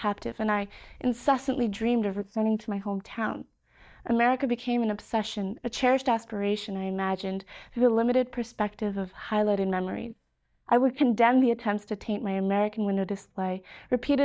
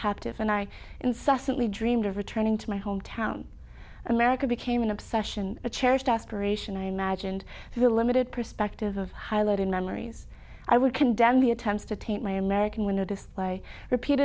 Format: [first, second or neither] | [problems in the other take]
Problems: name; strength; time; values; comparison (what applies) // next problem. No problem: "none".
second | noise reduction (neural mask model DeepFilterNet 3)